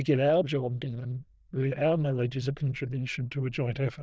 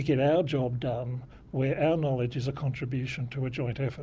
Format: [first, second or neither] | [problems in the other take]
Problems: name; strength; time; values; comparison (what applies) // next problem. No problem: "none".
second | noise reduction (neural diffusion model UNIVERSE++)